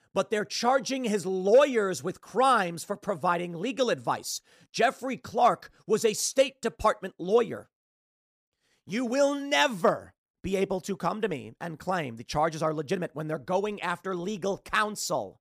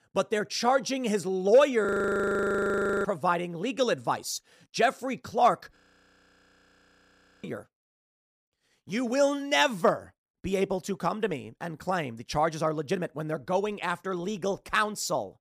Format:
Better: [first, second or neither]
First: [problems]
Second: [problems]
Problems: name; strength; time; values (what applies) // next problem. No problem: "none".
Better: first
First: none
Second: audio freezing; at 2 s for 1 s and at 6 s for 1.5 s